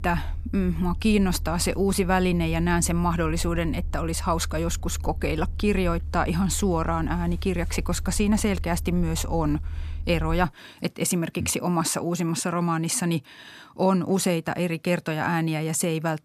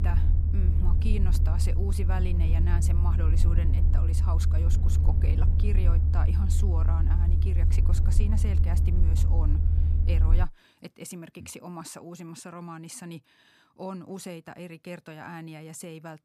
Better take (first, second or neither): first